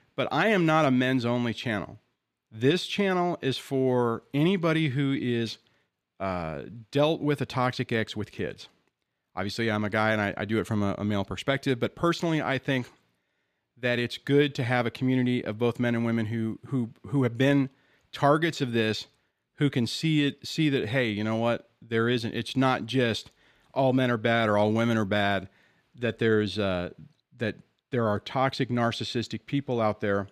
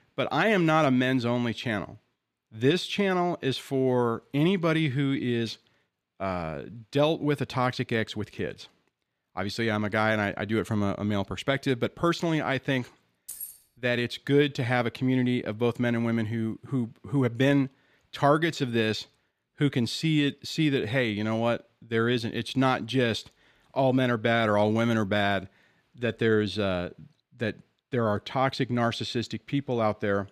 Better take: first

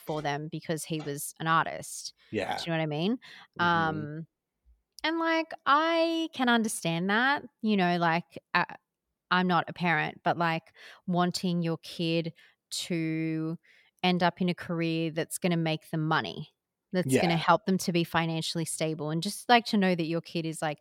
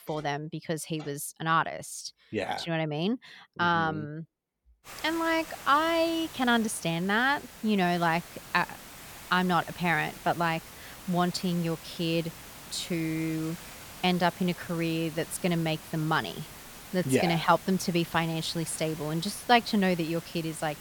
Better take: first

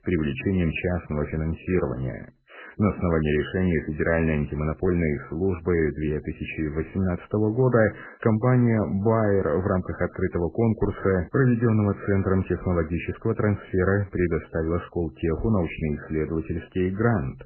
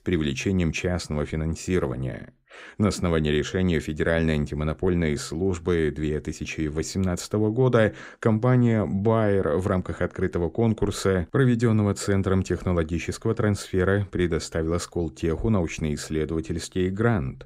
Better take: second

